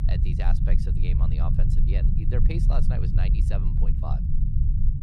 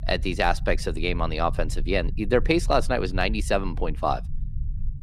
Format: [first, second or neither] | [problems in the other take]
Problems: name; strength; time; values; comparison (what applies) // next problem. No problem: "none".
second | low rumble; loud; throughout; as loud as the speech; faint in the second